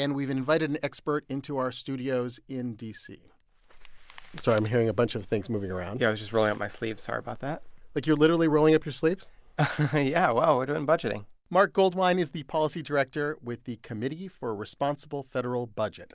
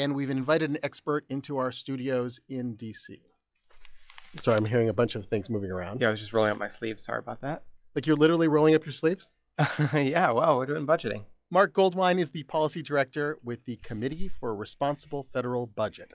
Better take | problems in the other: first | noise reduction (classical method log-MMSE)

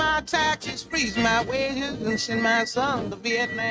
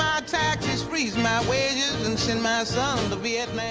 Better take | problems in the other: second | noise reduction (neural mask model RNNoise)

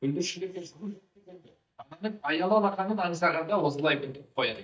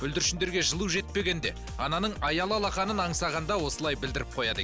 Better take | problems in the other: second | noise reduction (neural mask model DeepFilterNet 3)

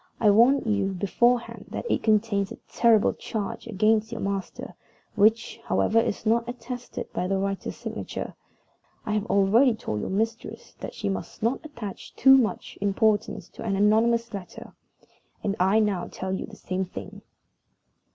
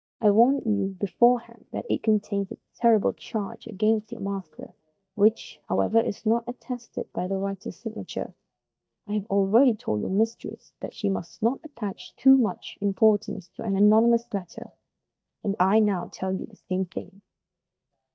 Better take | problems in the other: first | noise reduction (neural mask model DeepFilterNet 3)

